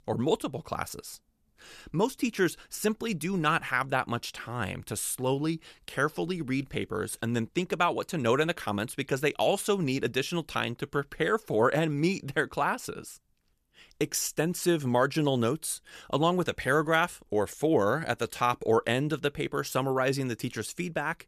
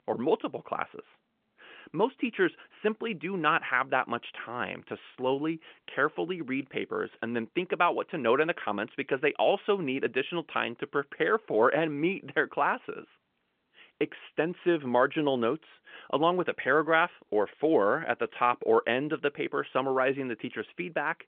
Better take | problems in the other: first | phone-call audio; nothing above 3.5 kHz

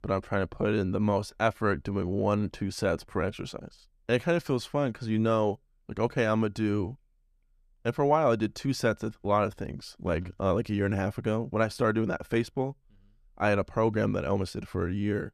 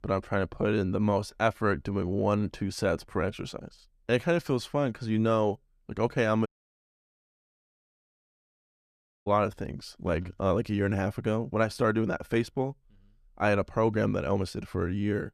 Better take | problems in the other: first | audio cutting out; at 6.5 s for 3 s

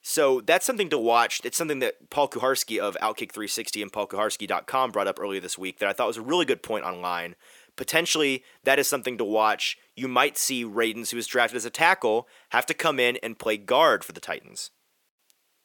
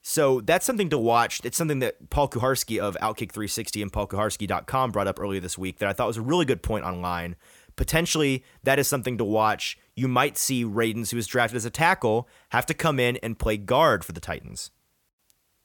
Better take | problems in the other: second | thin; somewhat; fading below 350 Hz

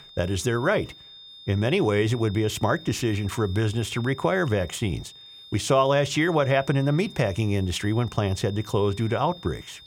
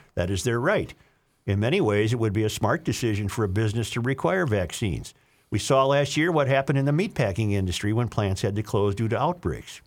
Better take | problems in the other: second | high-pitched whine; noticeable; throughout; 3.5 kHz, 20 dB below the speech

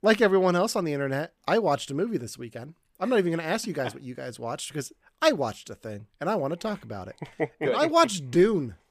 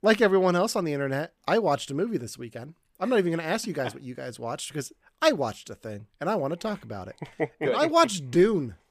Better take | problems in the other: neither | none

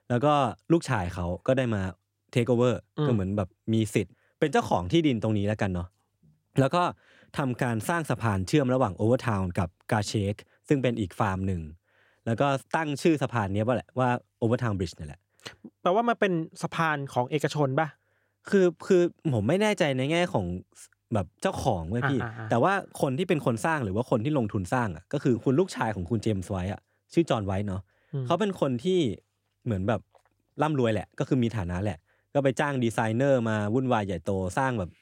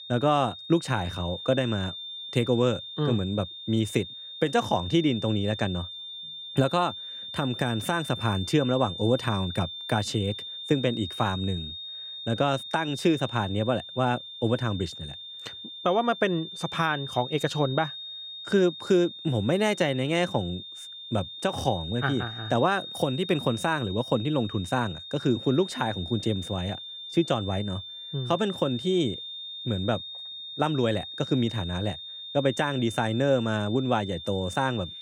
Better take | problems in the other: first | high-pitched whine; loud; throughout; 3.5 kHz, 9 dB below the speech

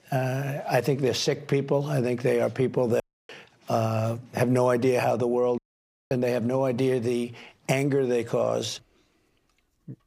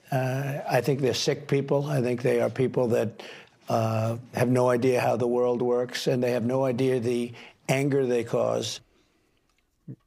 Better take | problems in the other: second | audio cutting out; at 3 s and at 5.5 s for 0.5 s

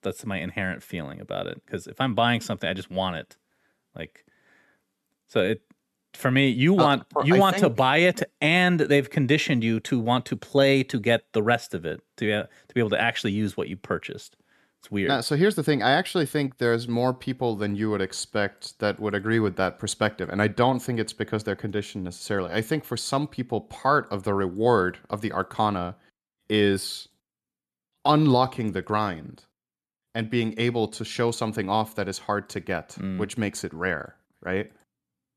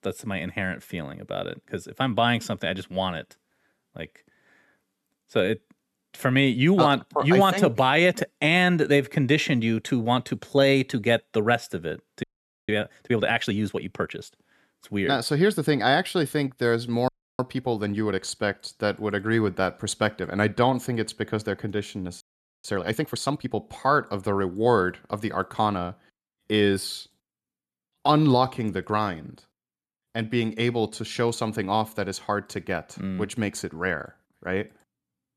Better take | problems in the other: first | audio freezing; at 12 s, at 17 s and at 22 s

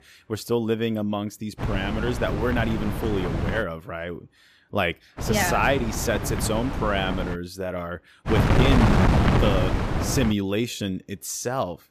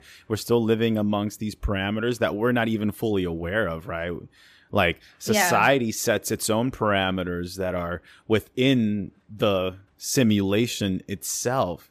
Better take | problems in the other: second | wind noise on the microphone; heavy; from 1.5 to 3.5 s, from 5 to 7.5 s and from 8.5 to 10 s; 2 dB below the speech

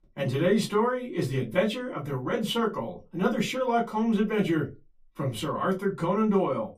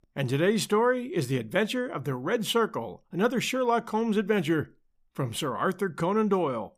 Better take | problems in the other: second | off-mic speech; far // room echo; very slight; dies away in 0.2 s

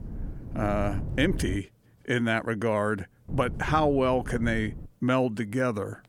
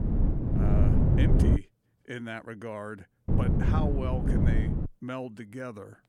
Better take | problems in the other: first | wind noise on the microphone; heavy; until 1.5 s and from 3.5 to 5 s; 3 dB above the speech; occasional gusts in the first

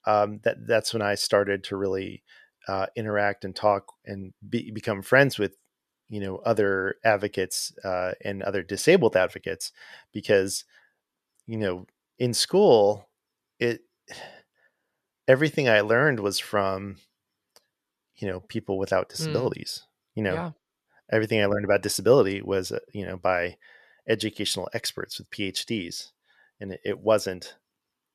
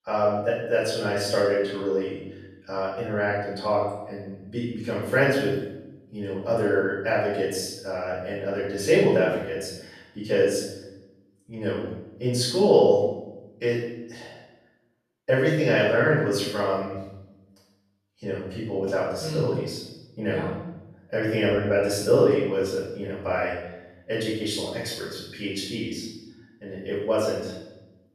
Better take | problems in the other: first | off-mic speech; far // room echo; noticeable; dies away in 0.9 s

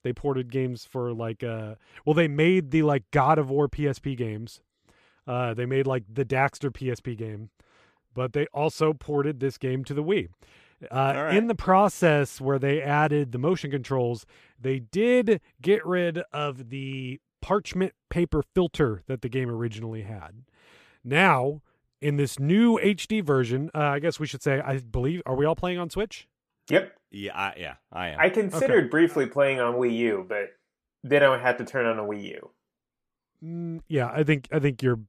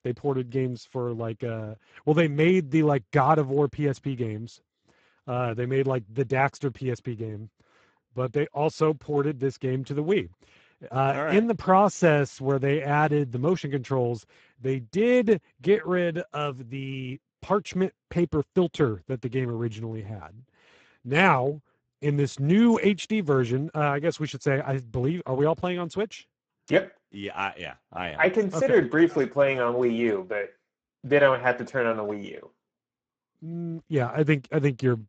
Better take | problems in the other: first | garbled, watery; badly; nothing above 7.5 kHz

